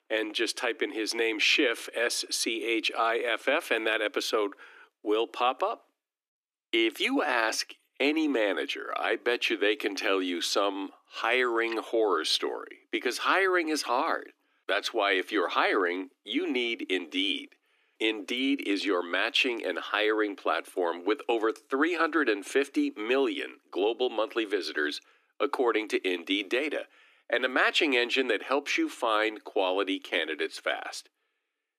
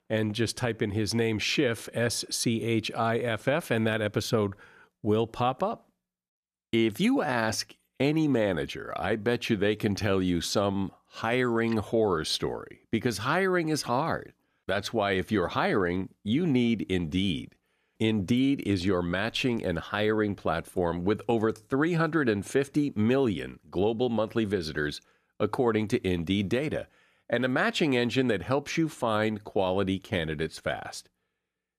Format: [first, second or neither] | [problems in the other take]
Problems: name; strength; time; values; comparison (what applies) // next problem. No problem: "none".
second | thin; somewhat; fading below 300 Hz